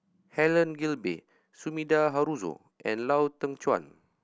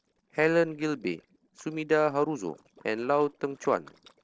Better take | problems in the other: first | noise reduction (neural separator model SepFormer DNS4)

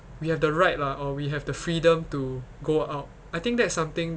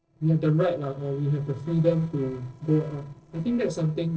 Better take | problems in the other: first | noise reduction (neural separator model SepFormer DNS4)

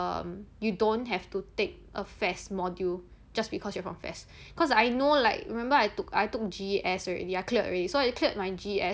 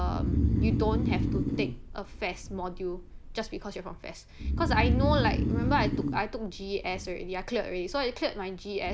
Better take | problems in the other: first | background sound (Breathing); 2 dB above the speech

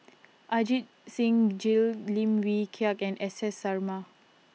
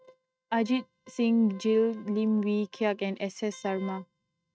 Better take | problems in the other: first | noise reduction (neural mask model RNNoise)

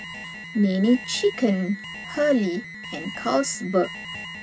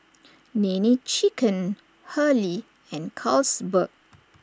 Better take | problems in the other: second | background sound (Alarm); 12 dB below the speech // room echo; dies away in 0.4 s

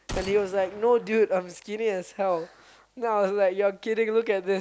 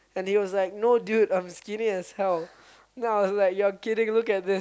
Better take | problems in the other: second | background sound (Gunshot, gunfire); 17 dB below the speech

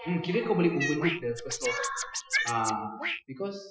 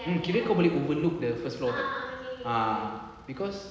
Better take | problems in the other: second | noise reduction (classical method Wiener filter)

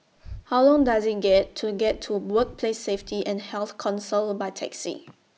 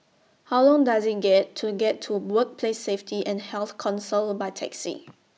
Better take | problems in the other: second | background sound (Breathing); 20 dB below the speech

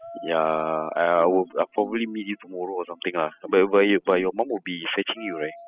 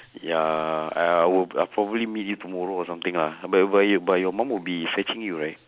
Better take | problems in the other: second | noise reduction (classical method spectral subtraction)

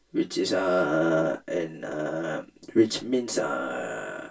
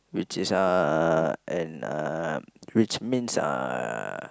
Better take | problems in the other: second | room echo; dies away in 0.2 s

